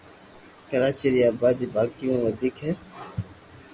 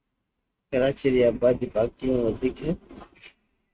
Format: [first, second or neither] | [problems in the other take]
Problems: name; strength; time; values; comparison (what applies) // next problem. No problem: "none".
first | noise reduction (neural mask model RNNoise)